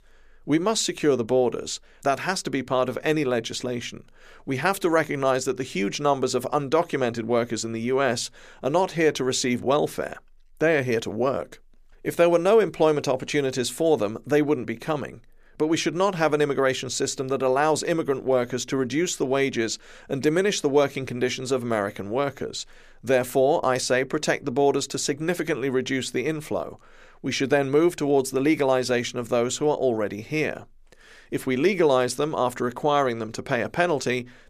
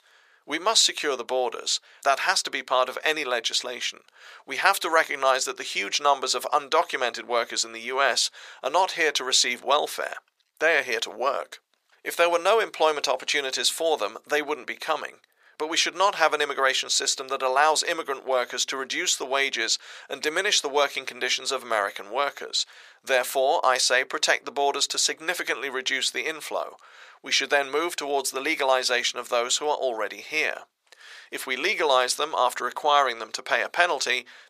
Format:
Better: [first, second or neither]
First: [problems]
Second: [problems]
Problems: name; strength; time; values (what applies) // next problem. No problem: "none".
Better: first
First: none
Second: thin; very; fading below 850 Hz